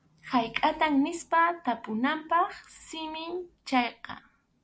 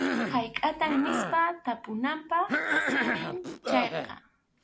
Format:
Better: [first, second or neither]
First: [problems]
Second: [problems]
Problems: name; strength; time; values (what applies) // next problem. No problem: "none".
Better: first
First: none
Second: background sound (Cough); 1 dB below the speech